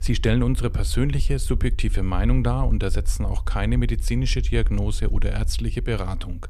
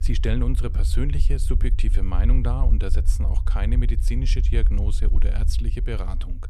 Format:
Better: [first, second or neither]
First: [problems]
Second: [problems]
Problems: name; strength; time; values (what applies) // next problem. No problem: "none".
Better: first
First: low rumble; faint; throughout; 20 dB below the speech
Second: low rumble; loud; throughout; 10 dB below the speech